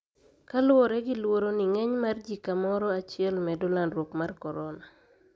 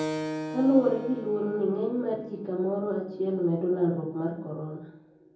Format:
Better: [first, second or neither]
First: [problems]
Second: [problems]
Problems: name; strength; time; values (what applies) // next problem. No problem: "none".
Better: first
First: none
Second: background sound (Keyboard (musical)); 11 dB below the speech // room echo; dies away in 0.7 s